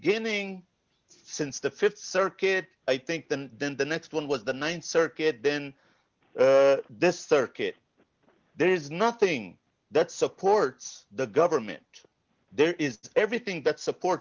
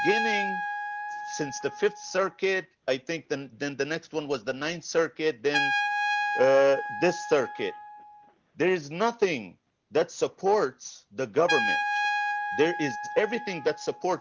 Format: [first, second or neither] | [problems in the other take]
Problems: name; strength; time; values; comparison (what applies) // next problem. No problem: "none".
first | background sound (Trumpet); 5 dB below the speech